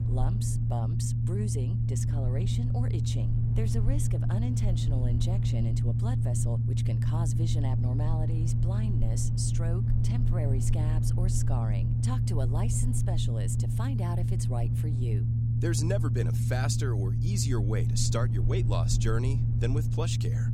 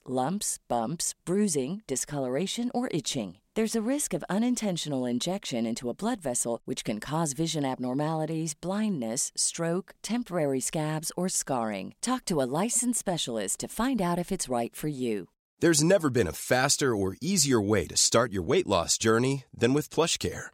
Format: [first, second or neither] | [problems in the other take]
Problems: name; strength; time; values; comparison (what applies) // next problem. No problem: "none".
second | low rumble; loud; throughout; 1 dB below the speech